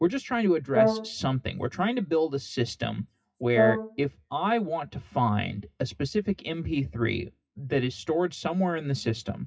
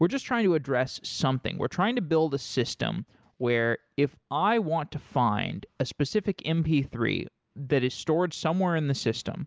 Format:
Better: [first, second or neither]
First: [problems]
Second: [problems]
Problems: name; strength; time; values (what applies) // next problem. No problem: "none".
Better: second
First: noise reduction (classical method WPE with log-MMSE)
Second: none